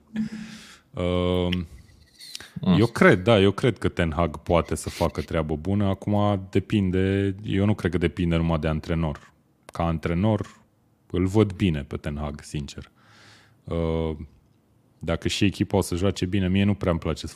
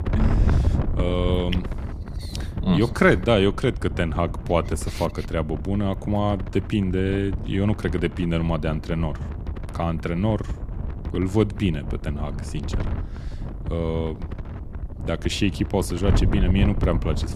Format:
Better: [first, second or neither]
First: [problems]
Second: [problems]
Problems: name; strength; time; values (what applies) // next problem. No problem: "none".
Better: first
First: none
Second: wind noise on the microphone; occasional gusts; 10 dB below the speech